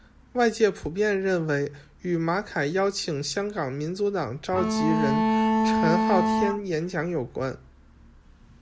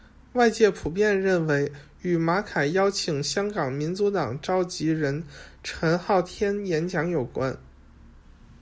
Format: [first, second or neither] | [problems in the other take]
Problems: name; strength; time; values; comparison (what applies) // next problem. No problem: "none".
second | background sound (Bowed string instrument); 4 dB above the speech